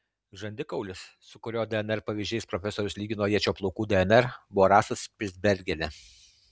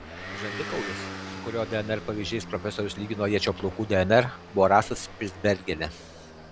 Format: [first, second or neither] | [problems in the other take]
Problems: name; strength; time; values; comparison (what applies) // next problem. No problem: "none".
first | background sound (Motor vehicle (road) / Engine); 12 dB below the speech